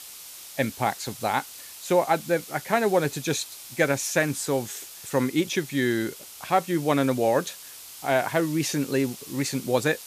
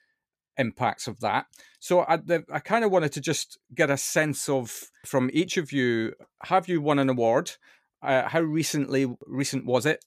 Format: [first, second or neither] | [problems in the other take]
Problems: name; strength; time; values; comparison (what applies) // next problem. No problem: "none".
second | hiss; noticeable; throughout; 15 dB below the speech